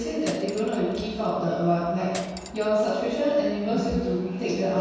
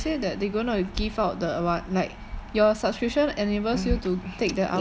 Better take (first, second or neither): second